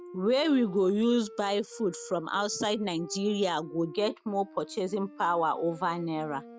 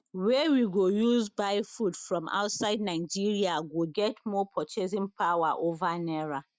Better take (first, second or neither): second